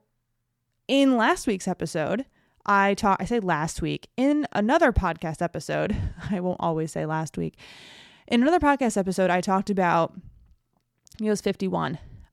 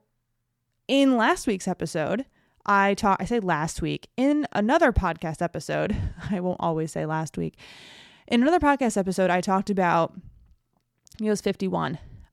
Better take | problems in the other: neither | none

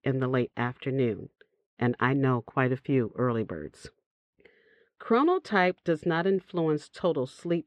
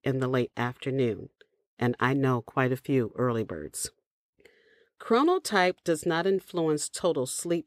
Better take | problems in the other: second | muffled; slightly; fading above 2.5 kHz

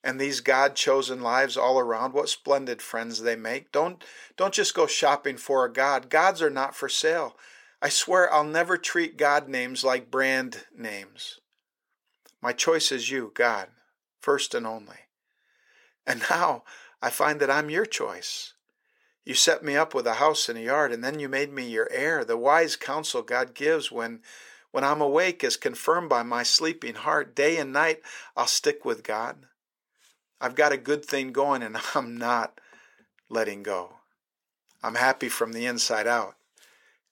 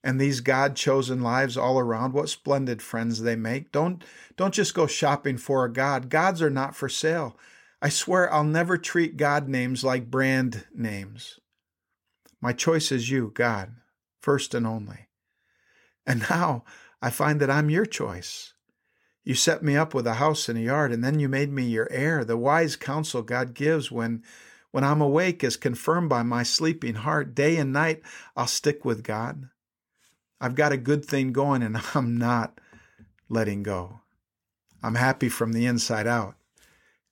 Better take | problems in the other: second | thin; somewhat; fading below 500 Hz

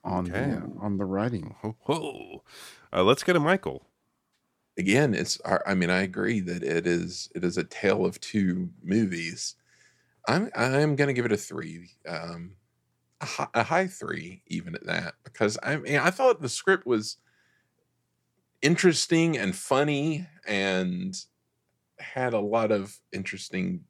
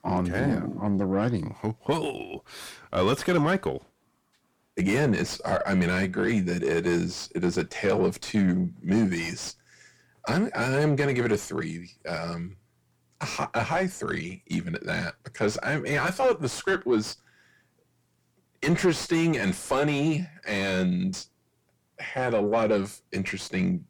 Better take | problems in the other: first | distortion; heavy; 7 dB below the speech

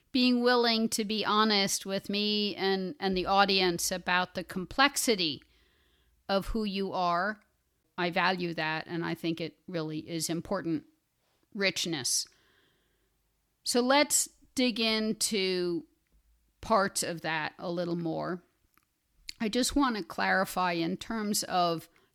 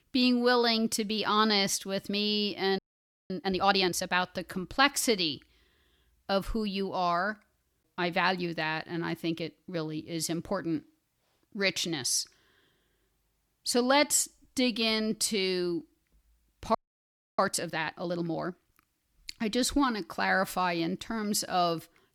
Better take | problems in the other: first | audio freezing; at 3 s for 0.5 s and at 17 s for 0.5 s

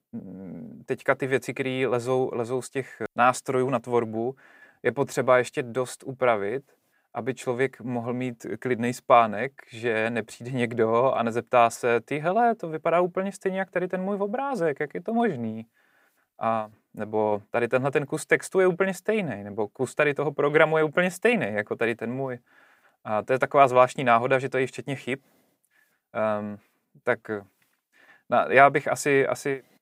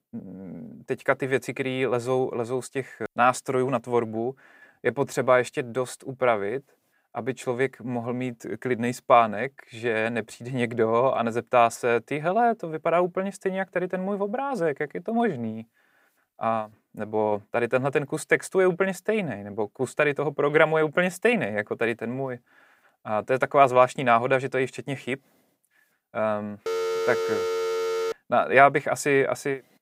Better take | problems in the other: first | phone ringing; noticeable; from 27 to 28 s; peak 2 dB below the speech

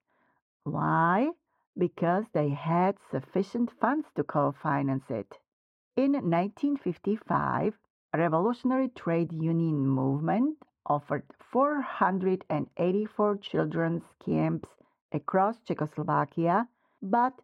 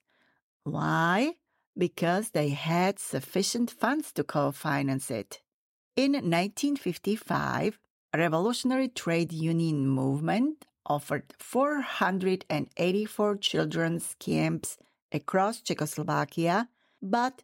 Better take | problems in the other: second | muffled; very; fading above 3.5 kHz

